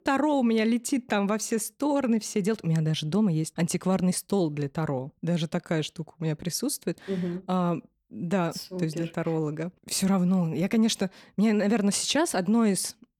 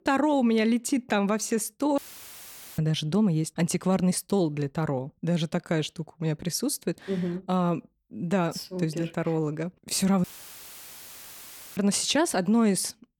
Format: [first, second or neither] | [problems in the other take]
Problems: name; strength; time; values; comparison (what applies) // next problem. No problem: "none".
first | audio cutting out; filled with static; at 2 s for 1 s and at 10 s for 1.5 s